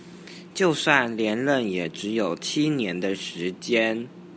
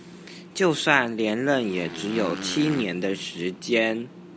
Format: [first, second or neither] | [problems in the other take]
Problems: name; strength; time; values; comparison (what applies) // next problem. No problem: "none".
first | background sound (Motorcycle); 13 dB below the speech